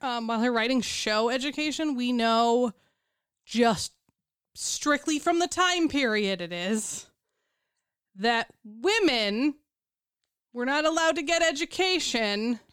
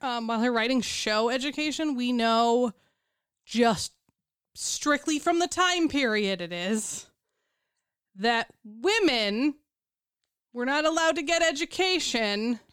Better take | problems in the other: neither | none

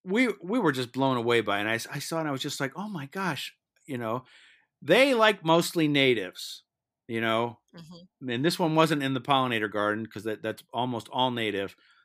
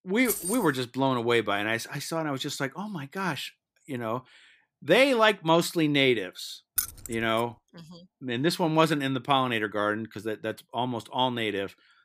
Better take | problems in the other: first | jangling keys; noticeable; at 0.5 s and at 7 s; peak 3 dB below the speech

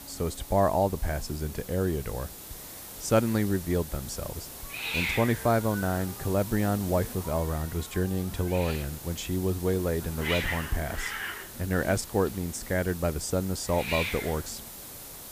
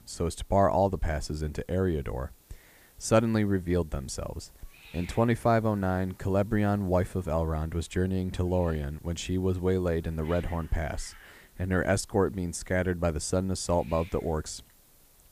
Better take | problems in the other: second | hiss; loud; throughout; 8 dB below the speech; faint in the second

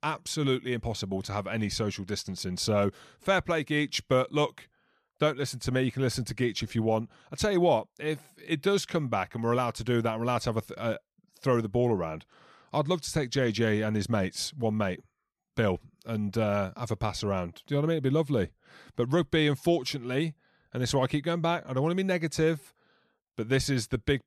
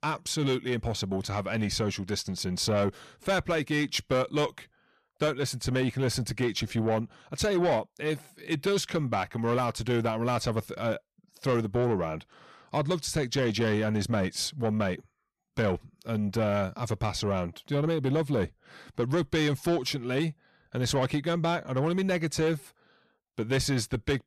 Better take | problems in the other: first | distortion; slight; 10 dB below the speech

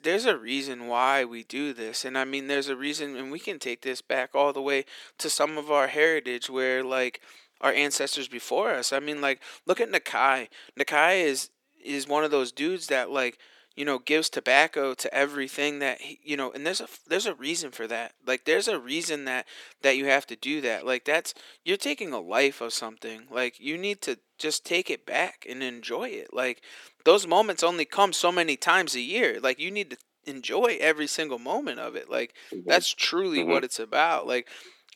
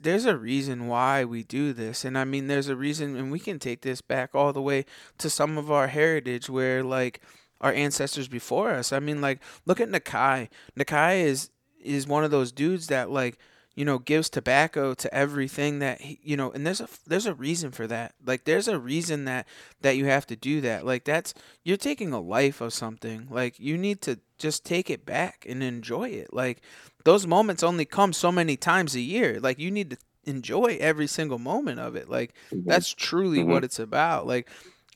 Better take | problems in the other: second | thin; somewhat; fading below 300 Hz

